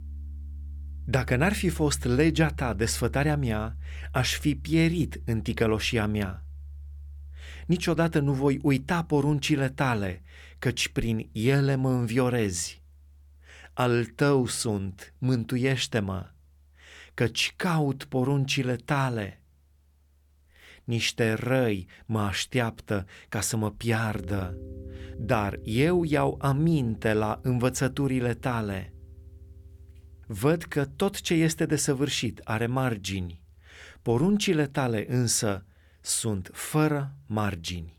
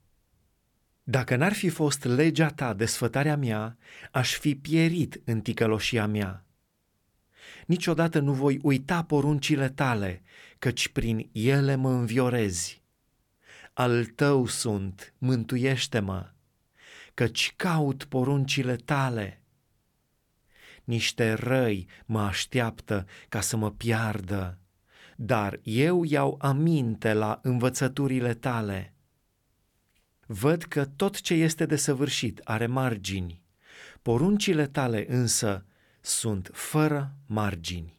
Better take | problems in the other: second | background music; noticeable; throughout; 15 dB below the speech

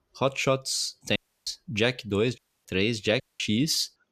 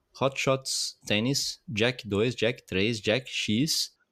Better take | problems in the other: second | audio cutting out; at 1 s, at 2.5 s and at 3 s

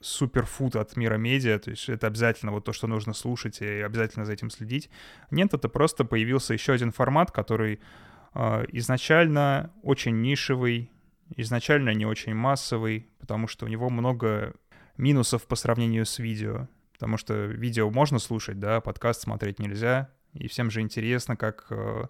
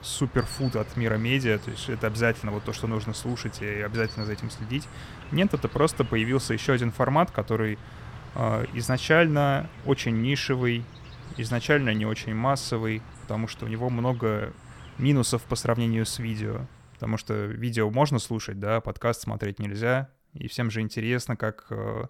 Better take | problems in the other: first | animal sounds; noticeable; until 17 s; 15 dB below the speech

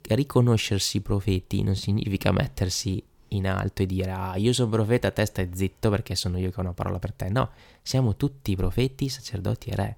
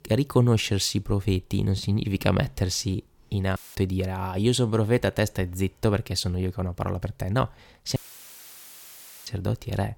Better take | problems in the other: first | audio cutting out; filled with static; at 3.5 s and at 8 s for 1.5 s

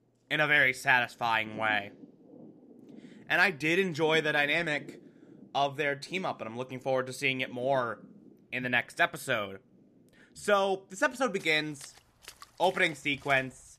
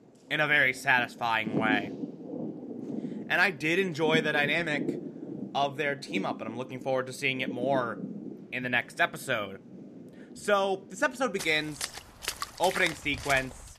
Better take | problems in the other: first | rain or running water; loud; throughout; 10 dB below the speech; faint in the first

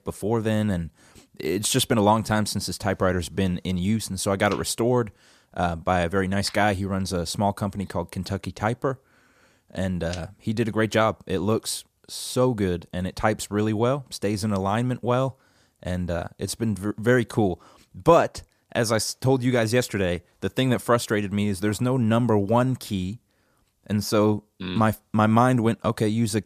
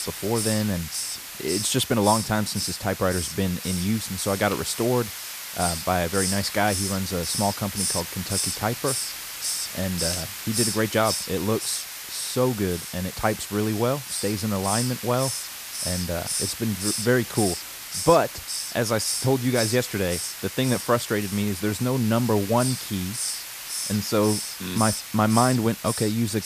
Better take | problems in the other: first | hiss; loud; throughout; 4 dB below the speech

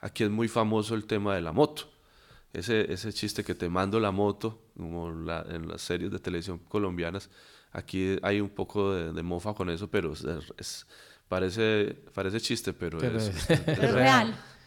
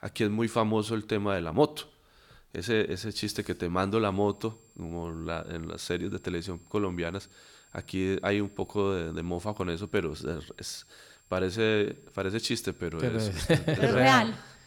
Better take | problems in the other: first | high-pitched whine; faint; from 4 s on; 7.5 kHz, 30 dB below the speech

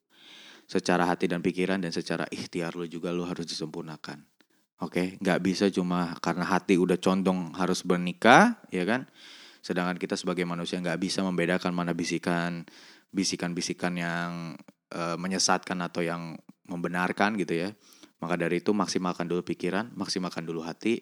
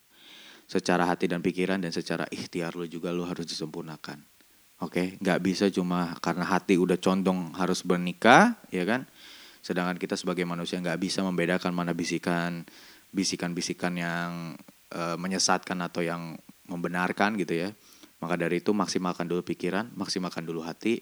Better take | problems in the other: first | hiss; faint; throughout; 30 dB below the speech

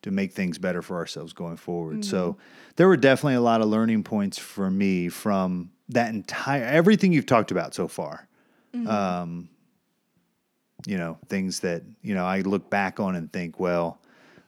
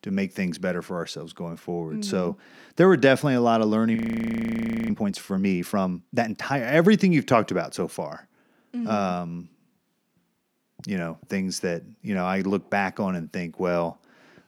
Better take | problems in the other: first | audio freezing; at 4 s for 1 s

